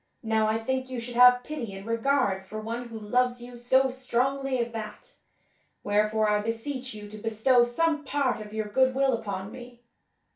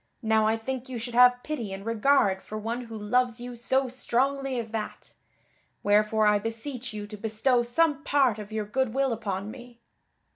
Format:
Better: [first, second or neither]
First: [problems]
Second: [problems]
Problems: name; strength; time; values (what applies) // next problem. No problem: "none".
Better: second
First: room echo; dies away in 0.2 s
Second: none